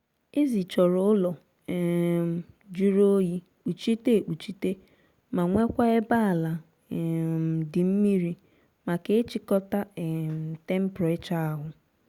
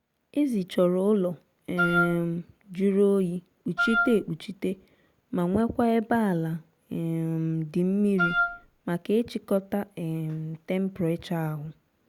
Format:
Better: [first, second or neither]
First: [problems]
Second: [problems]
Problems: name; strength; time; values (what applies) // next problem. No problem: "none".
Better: first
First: none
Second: background sound (Wind instrument, woodwind instrument); 1 dB below the speech